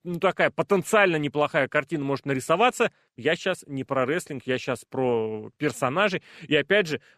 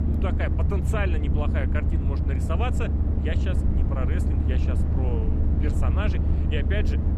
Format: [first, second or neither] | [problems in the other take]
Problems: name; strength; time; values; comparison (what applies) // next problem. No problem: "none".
first | low rumble; loud; throughout; 3 dB below the speech